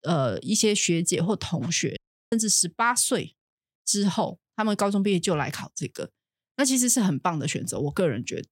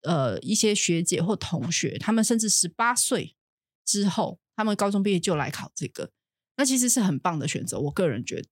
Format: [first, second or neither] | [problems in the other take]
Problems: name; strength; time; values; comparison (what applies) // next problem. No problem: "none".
second | audio cutting out; at 2 s